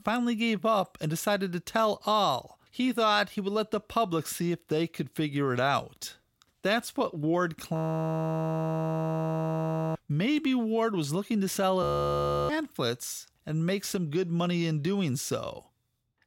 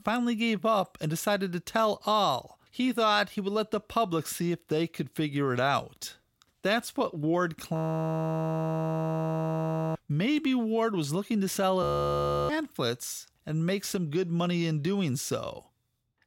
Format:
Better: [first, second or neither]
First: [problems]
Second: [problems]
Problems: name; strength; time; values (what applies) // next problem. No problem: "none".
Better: neither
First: audio freezing; at 8 s for 2 s and at 12 s for 0.5 s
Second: audio freezing; at 8 s for 2 s and at 12 s for 0.5 s